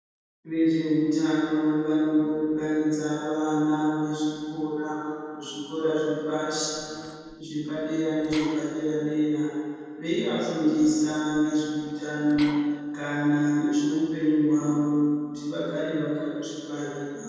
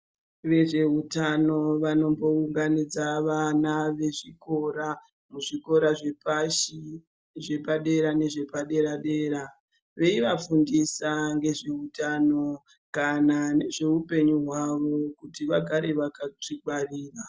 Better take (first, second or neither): second